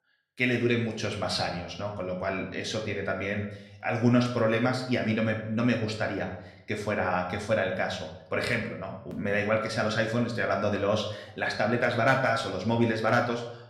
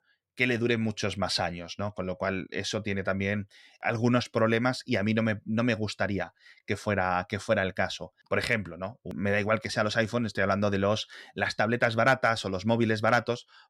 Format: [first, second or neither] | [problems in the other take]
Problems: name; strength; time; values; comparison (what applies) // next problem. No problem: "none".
second | room echo; slight; dies away in 0.6 s // off-mic speech; somewhat distant